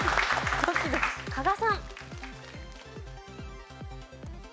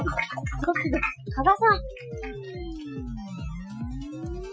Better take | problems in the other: first | noise reduction (classical method Wiener filter)

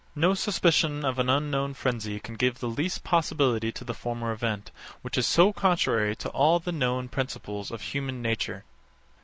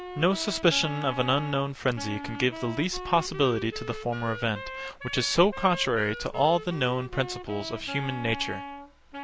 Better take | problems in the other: first | background sound (Wind instrument, woodwind instrument); 11 dB below the speech

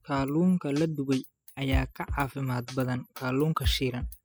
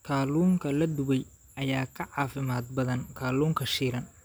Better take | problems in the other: second | noise reduction (classical method spectral subtraction)

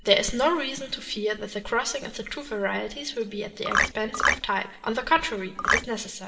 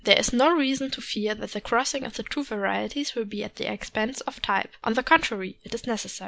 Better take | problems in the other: second | background sound (Marimba, xylophone); 4 dB above the speech // room echo; dies away in 2.5 s

